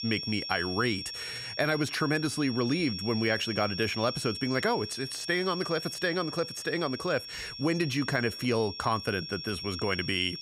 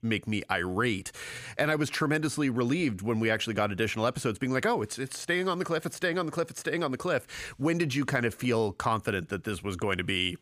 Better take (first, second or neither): second